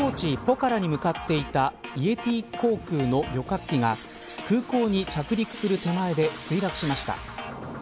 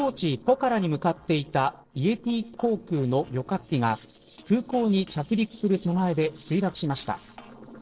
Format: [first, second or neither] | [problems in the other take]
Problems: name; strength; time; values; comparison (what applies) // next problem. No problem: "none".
first | noise reduction (neural separator model SepFormer DNS4)